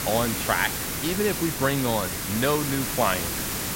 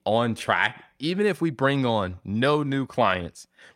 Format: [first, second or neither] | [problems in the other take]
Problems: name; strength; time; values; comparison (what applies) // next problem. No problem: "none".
second | hiss; loud; throughout; 1 dB below the speech